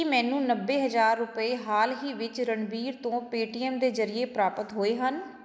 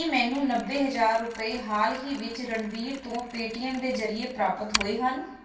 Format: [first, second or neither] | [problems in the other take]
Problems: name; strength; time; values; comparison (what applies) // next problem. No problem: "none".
first | background sound (Mechanisms); 12 dB below the speech // room echo; dies away in 0.2 s